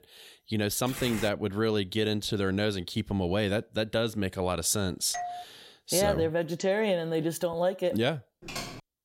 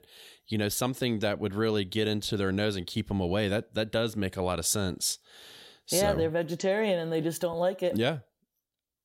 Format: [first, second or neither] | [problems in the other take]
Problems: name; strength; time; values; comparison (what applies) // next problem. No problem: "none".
second | keyboard typing; noticeable; at 1 s and at 8.5 s; peak 8 dB below the speech // doorbell; noticeable; at 5 s; peak 8 dB below the speech